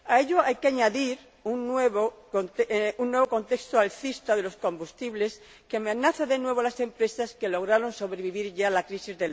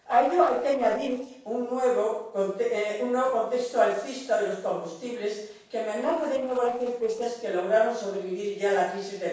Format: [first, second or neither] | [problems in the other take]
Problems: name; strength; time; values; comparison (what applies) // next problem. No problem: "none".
first | noise reduction (neural separator model SepFormer DNS4)